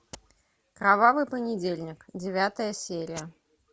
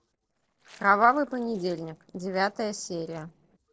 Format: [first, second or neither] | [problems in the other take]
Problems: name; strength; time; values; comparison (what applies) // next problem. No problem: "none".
first | noise reduction (neural separator model SepFormer DNS4)